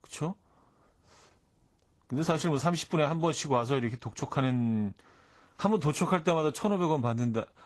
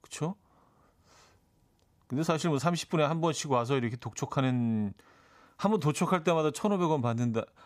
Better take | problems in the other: second | garbled, watery; slightly

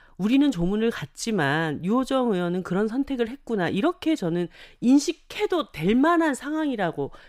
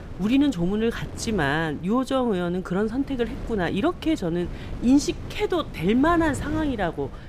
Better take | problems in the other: first | wind noise on the microphone; occasional gusts; 20 dB below the speech

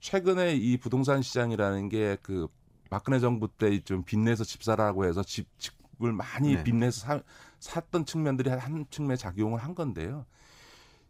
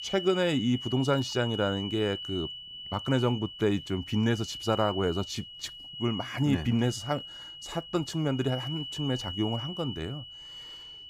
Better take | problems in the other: first | high-pitched whine; loud; throughout; 3 kHz, 8 dB below the speech

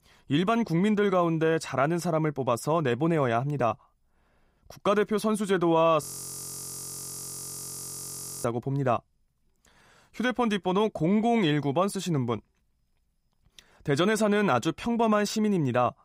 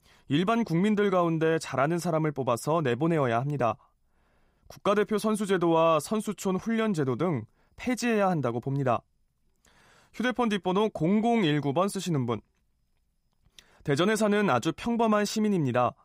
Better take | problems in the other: second | audio freezing; at 6 s for 2.5 s

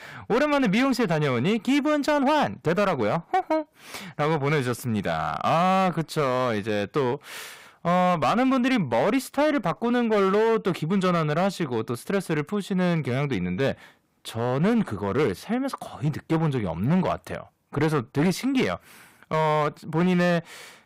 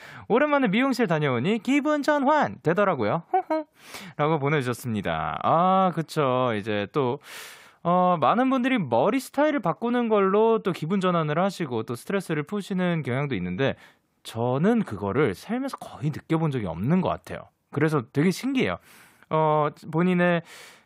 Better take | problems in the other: second | distortion; slight; 9% of the sound clipped

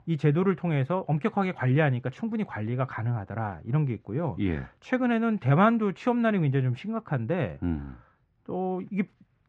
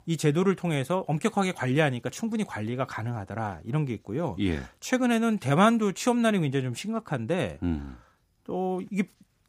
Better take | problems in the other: second | muffled; very; fading above 2 kHz

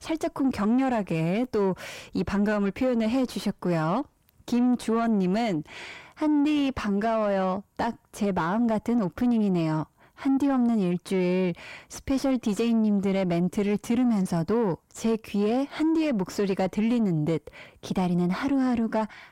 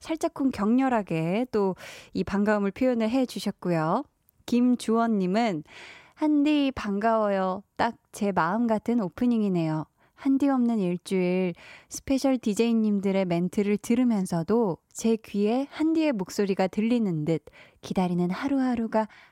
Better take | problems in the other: second | distortion; slight; 10 dB below the speech

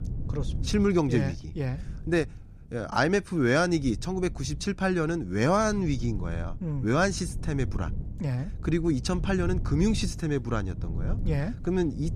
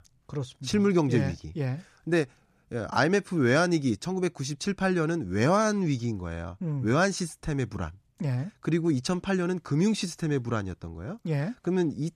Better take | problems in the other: second | wind noise on the microphone; occasional gusts; 20 dB below the speech

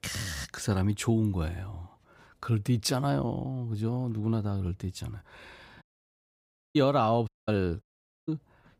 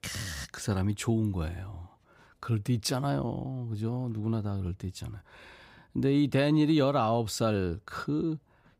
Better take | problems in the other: second | audio cutting out; at 6 s for 1 s, at 7.5 s and at 8 s

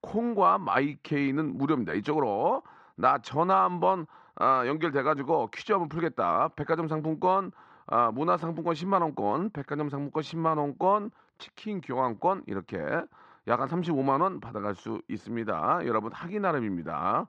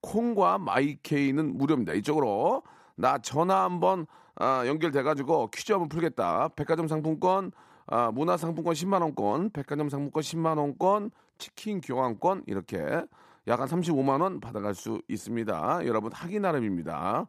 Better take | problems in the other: second | muffled; slightly; fading above 4 kHz

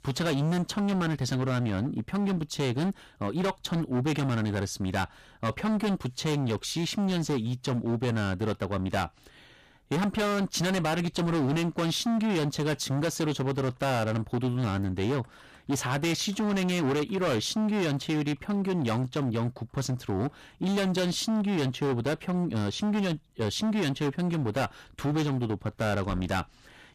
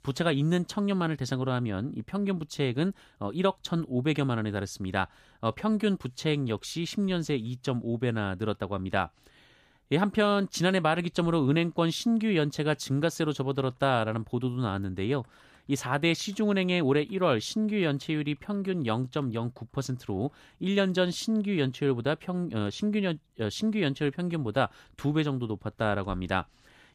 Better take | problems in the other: second | distortion; heavy; 22% of the sound clipped

